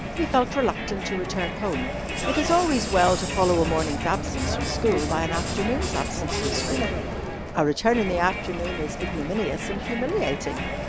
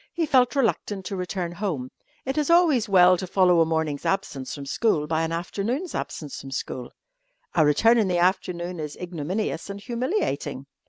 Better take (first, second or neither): second